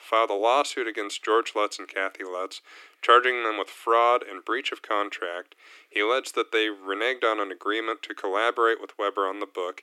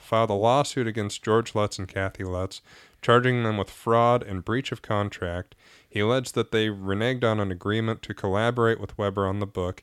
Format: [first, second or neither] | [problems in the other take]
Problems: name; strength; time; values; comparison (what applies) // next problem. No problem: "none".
second | thin; very; fading below 300 Hz